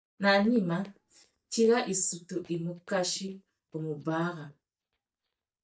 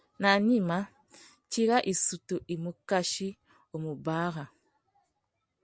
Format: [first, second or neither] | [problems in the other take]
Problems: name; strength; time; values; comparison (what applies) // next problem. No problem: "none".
second | noise reduction (neural mask model DeepFilterNet 3)